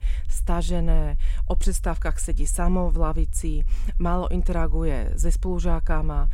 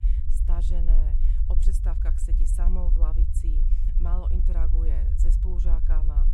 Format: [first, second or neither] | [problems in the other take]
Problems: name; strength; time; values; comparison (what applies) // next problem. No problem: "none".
first | low rumble; loud; throughout; 3 dB below the speech; faint in the first